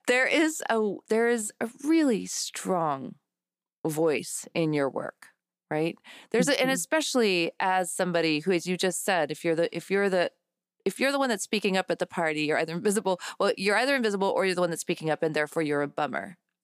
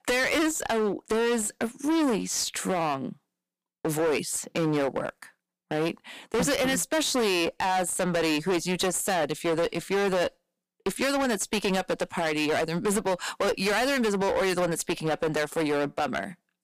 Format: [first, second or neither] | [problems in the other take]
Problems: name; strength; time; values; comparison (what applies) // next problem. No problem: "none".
first | distortion; heavy; 21% of the sound clipped